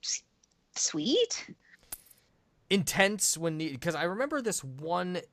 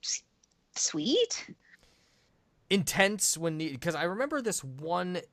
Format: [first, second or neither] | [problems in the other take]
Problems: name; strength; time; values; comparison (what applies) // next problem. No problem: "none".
second | jangling keys; faint; at 2 s; peak 15 dB below the speech